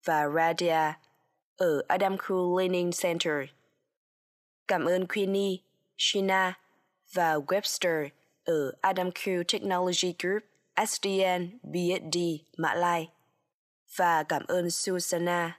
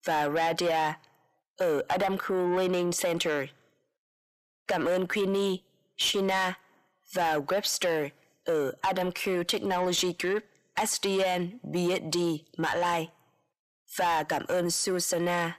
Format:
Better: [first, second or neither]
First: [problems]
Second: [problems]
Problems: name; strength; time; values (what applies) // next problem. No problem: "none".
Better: first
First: none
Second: distortion; slight; 10 dB below the speech